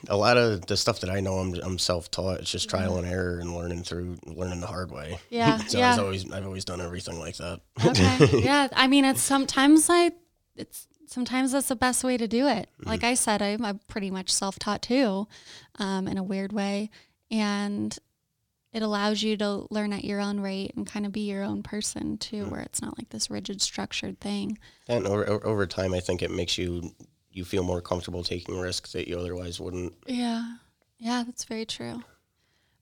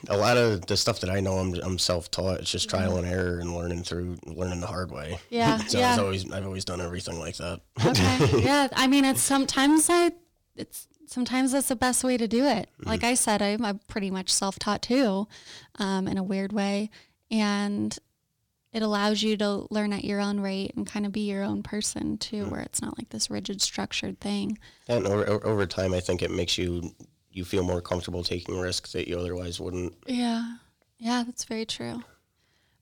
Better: first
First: none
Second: distortion; slight; 3% of the sound clipped

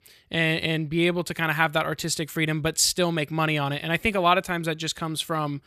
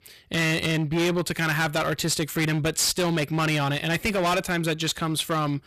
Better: first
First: none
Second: distortion; heavy; 21% of the sound clipped

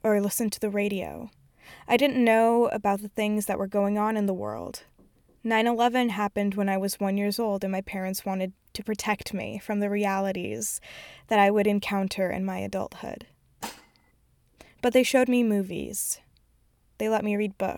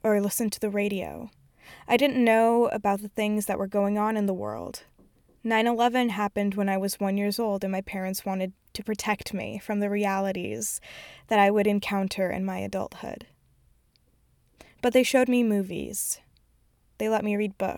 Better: second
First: clattering dishes; faint; at 14 s; peak 15 dB below the speech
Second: none

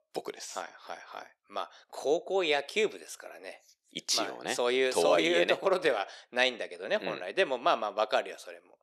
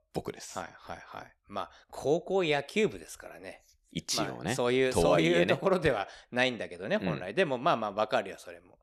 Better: second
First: thin; somewhat; fading below 400 Hz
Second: none

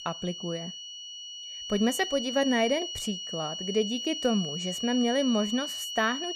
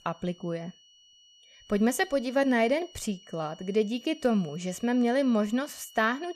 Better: second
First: high-pitched whine; loud; throughout; 3 kHz, 5 dB below the speech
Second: high-pitched whine; faint; throughout; 3 kHz, 25 dB below the speech

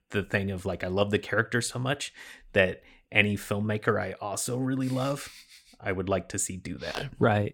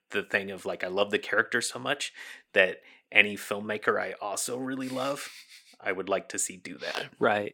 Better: first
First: none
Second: thin; somewhat; fading below 300 Hz

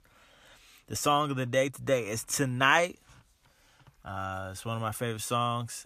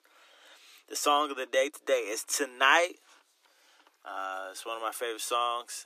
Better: first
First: none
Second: thin; somewhat; fading below 300 Hz

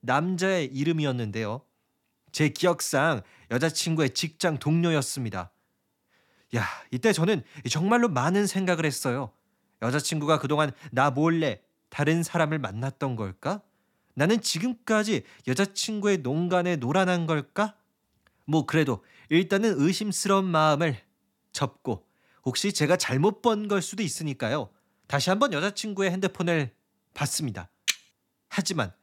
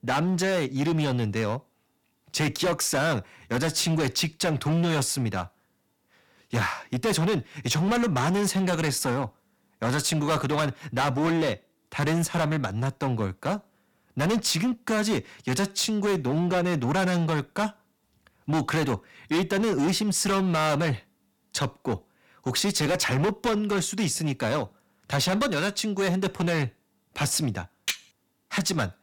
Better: first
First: none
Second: distortion; heavy; 15% of the sound clipped

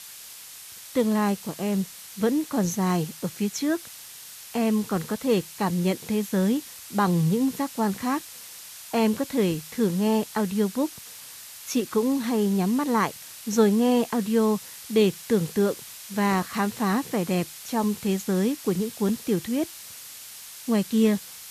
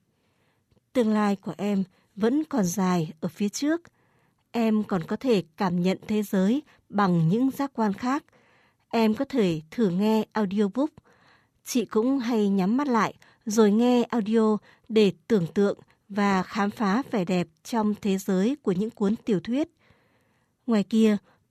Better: second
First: hiss; noticeable; throughout; 15 dB below the speech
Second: none

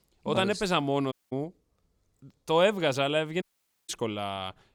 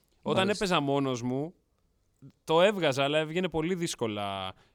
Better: second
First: audio cutting out; at 1 s and at 3.5 s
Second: none

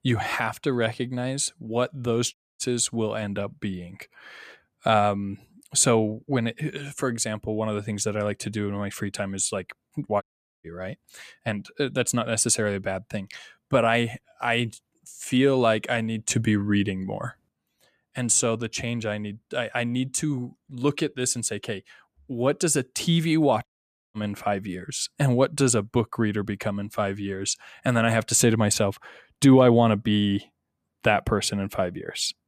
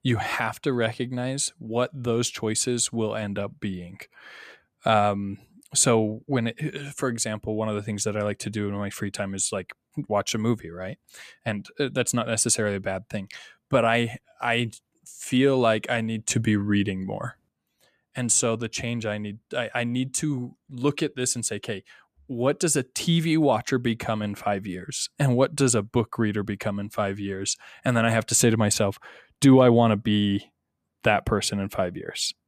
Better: second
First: audio cutting out; at 2.5 s, at 10 s and at 24 s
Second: none

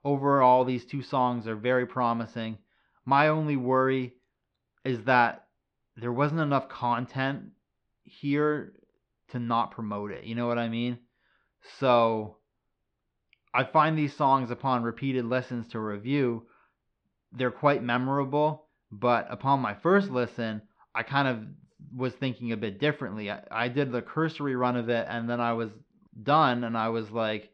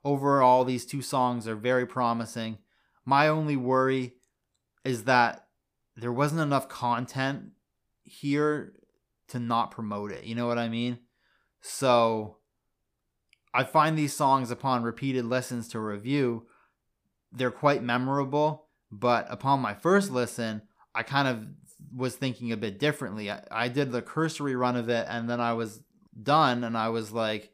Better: second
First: muffled; slightly; fading above 4 kHz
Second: none

